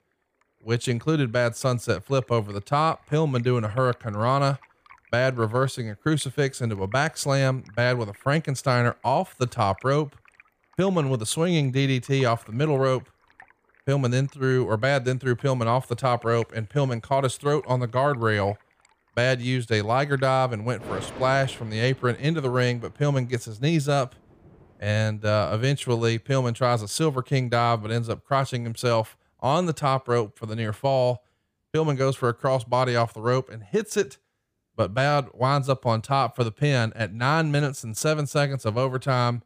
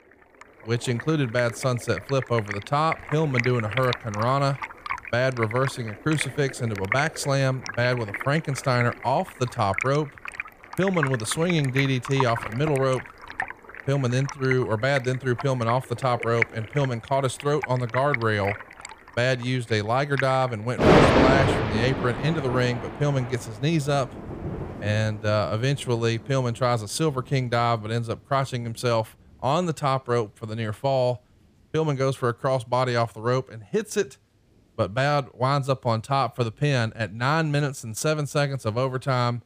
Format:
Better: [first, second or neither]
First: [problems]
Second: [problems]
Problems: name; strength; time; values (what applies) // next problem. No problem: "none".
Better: first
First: rain or running water; faint; throughout; 25 dB below the speech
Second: rain or running water; loud; throughout; 4 dB below the speech